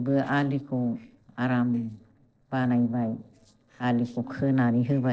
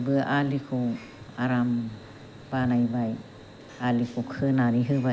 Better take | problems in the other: second | noise reduction (neural separator model SepFormer DNS4)

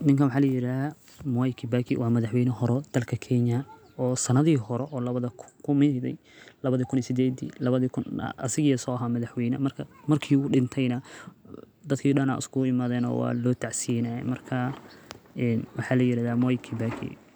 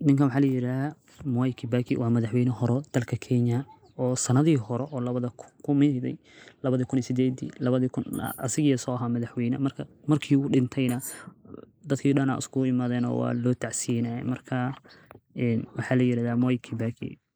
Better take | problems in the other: first | noise reduction (neural mask model Resemble Enhance denoiser)

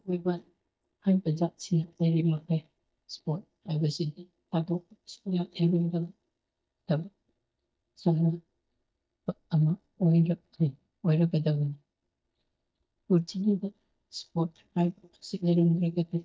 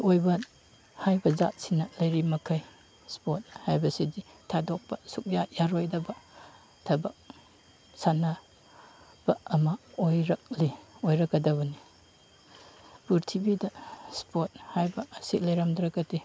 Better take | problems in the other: second | noise reduction (neural mask model DeepFilterNet 3)

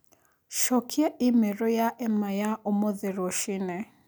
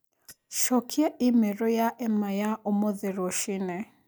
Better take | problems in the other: first | noise reduction (neural mask model DeepFilterNet 3)

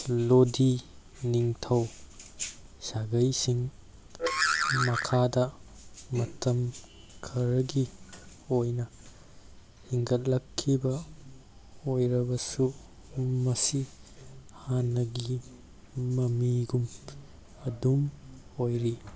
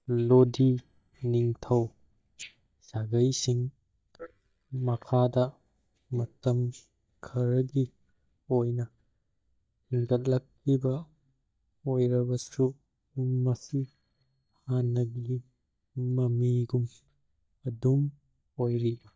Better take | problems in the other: first | noise reduction (neural mask model DeepFilterNet 3)

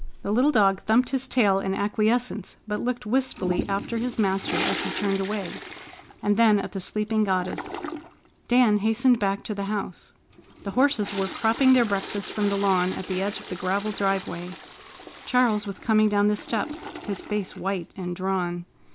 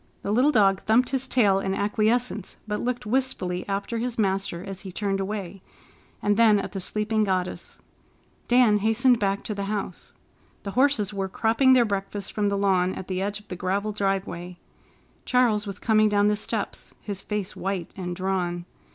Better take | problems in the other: second | background sound (Toilet flush); 13 dB below the speech

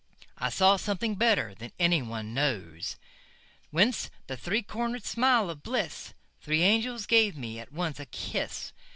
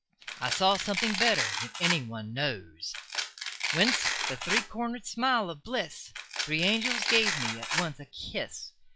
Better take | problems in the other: first | noise reduction (classical method log-MMSE)

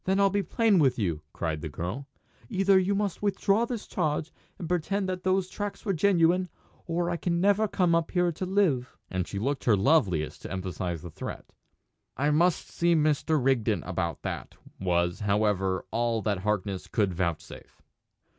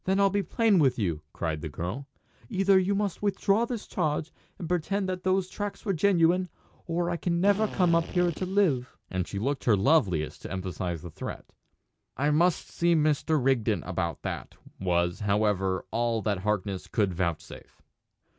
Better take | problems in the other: first | background sound (Drill); 13 dB below the speech

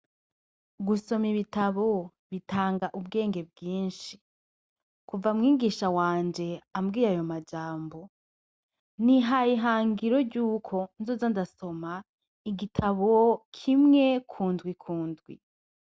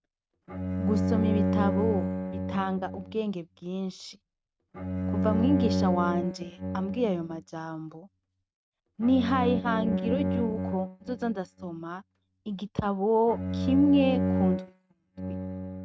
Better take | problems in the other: first | noise reduction (neural mask model RNNoise)

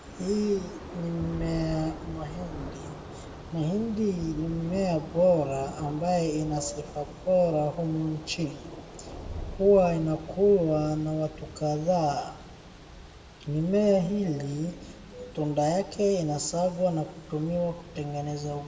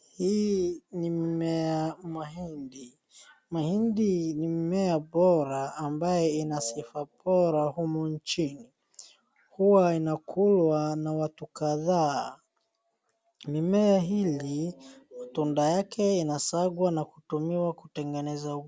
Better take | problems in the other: second | background sound (Thunder / Rain); 14 dB below the speech // room echo; dies away in 1 s

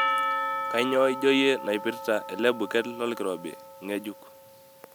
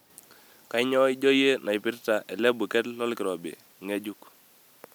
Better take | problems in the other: second | background sound (Percussion); 5 dB below the speech

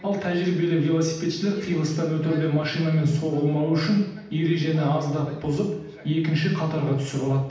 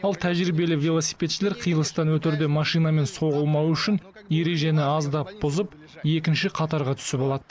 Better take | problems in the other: second | room echo; dies away in 0.8 s

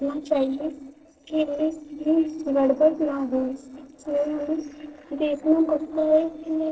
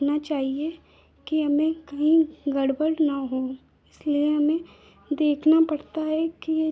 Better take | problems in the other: second | noise reduction (neural separator model SepFormer DNS4)

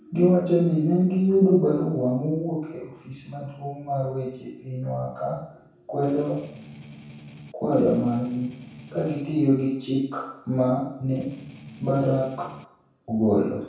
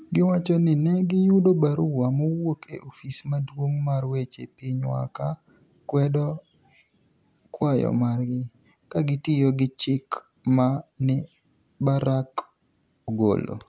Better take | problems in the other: second | background sound (Strum); 18 dB below the speech // room echo; dies away in 0.7 s

